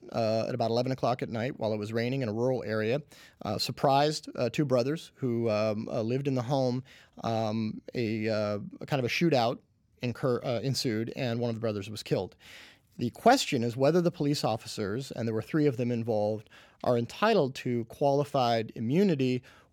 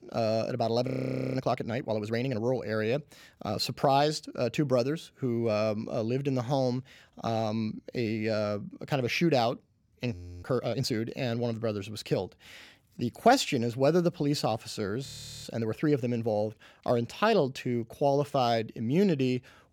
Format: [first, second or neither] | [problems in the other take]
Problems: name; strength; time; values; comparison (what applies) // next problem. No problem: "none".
first | audio freezing; at 1 s, at 10 s and at 15 s